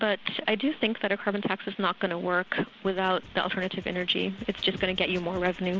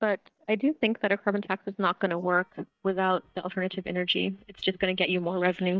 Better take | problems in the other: first | noise reduction (neural mask model DeepFilterNet 3)

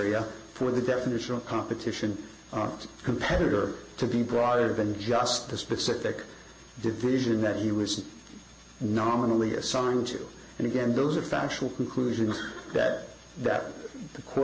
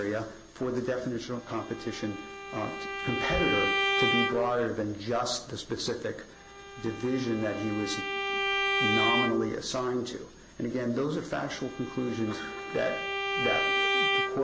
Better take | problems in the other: first | background sound (Bowed string instrument); as loud as the speech

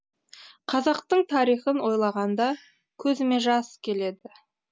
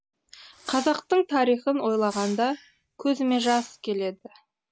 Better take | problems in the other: first | background sound (Fireworks); 19 dB below the speech

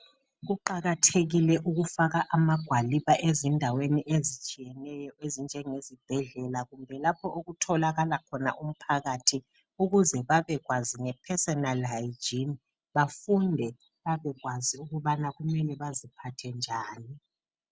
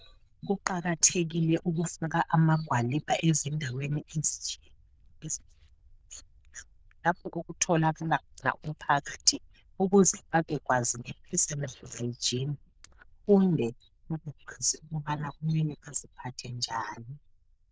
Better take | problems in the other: first | noise reduction (neural diffusion model UNIVERSE++)

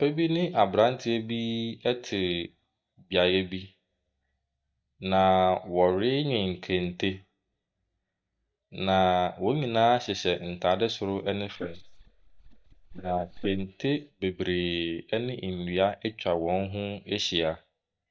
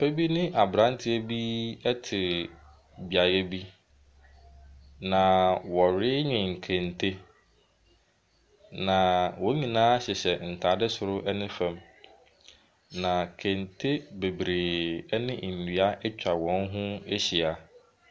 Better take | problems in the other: second | noise reduction (neural mask model DeepFilterNet 3)

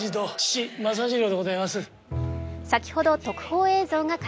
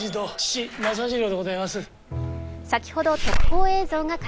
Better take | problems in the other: first | background sound (Slam / Alarm); 3 dB above the speech

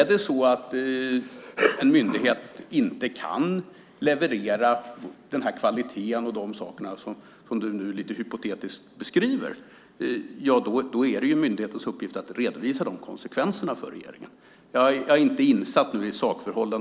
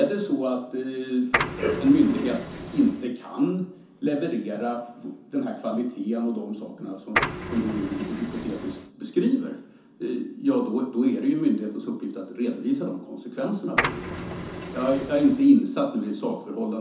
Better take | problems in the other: first | background sound (Printer); 5 dB below the speech // room echo; dies away in 0.9 s

